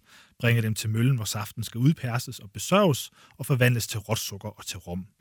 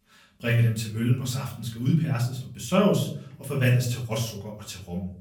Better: first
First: none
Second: off-mic speech; far // room echo; slight; dies away in 0.5 s

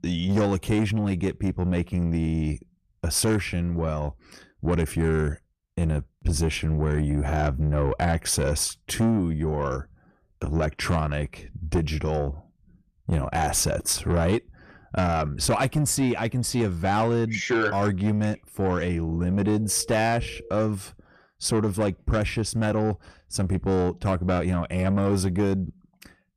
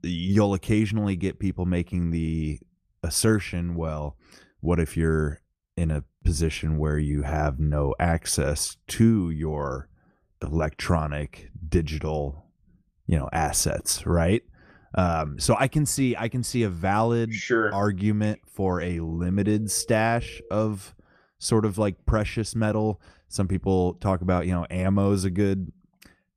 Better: second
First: distortion; slight; 10 dB below the speech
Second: none

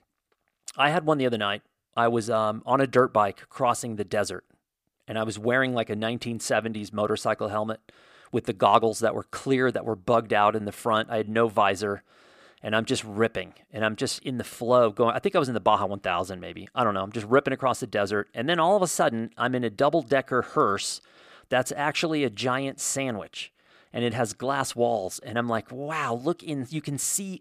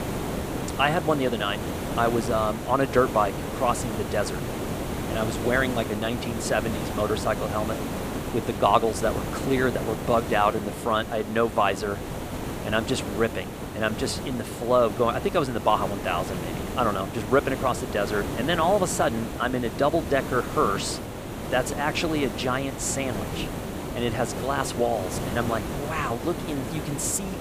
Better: first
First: none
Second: hiss; loud; throughout; 6 dB below the speech

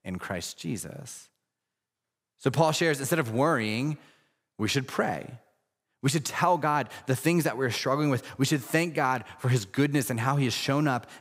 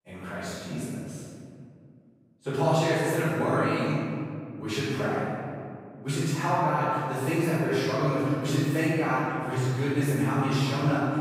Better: first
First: none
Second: room echo; strong; dies away in 2.1 s // off-mic speech; far

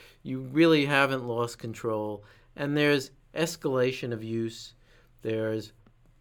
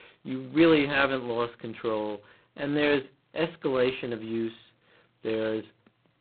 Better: first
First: none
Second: phone-call audio; poor line; nothing above 4 kHz

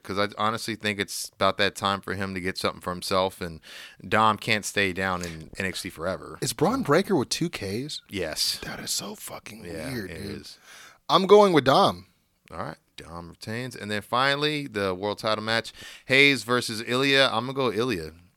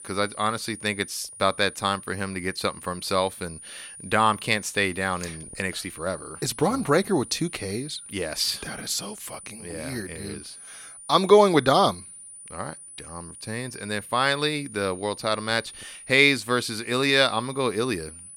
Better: first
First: none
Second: high-pitched whine; noticeable; throughout; 9.5 kHz, 15 dB below the speech

